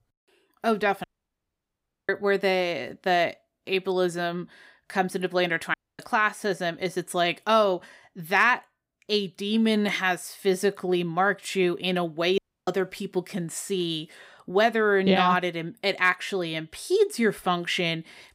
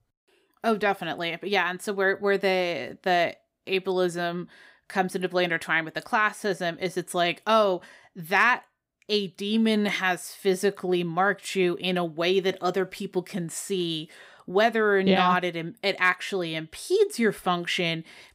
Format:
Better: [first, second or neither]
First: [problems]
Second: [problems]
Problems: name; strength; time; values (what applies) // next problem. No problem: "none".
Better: second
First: audio cutting out; at 1 s for 1 s, at 5.5 s and at 12 s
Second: none